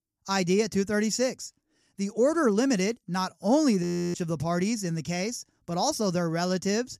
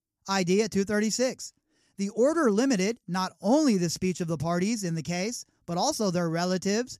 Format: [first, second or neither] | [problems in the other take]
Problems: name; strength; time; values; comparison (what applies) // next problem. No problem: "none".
second | audio freezing; at 4 s